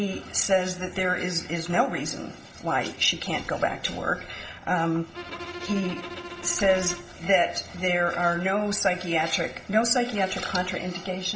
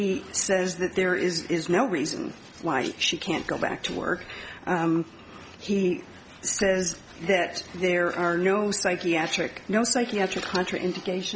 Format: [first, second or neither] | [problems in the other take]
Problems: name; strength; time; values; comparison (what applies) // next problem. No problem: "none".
second | background sound (Bowed string instrument); 12 dB below the speech // room echo; dies away in 0.7 s